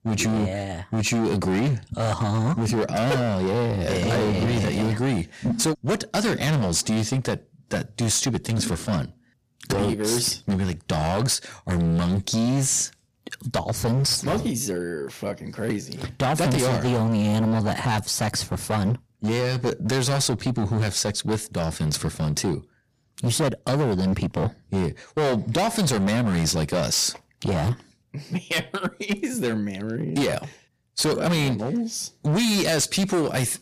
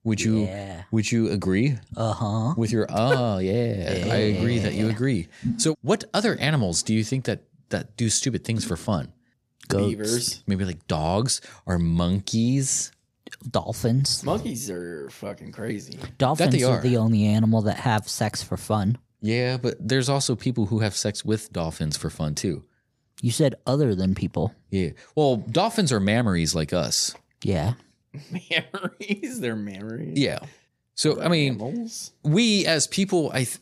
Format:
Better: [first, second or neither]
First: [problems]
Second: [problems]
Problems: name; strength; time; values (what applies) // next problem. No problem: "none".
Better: second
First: distortion; heavy; 19% of the sound clipped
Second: none